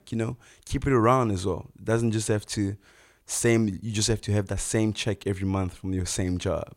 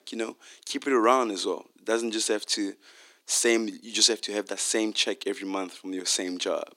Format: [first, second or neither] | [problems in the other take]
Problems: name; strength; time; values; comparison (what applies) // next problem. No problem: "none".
first | thin; somewhat; fading below 250 Hz